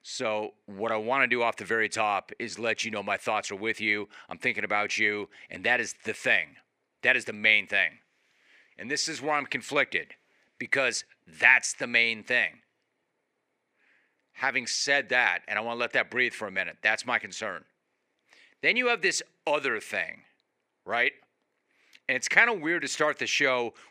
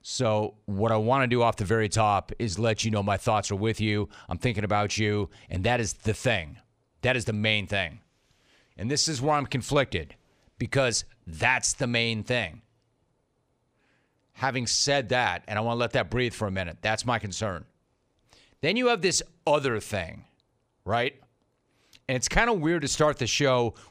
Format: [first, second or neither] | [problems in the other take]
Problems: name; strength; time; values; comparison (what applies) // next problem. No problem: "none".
second | thin; somewhat; fading below 300 Hz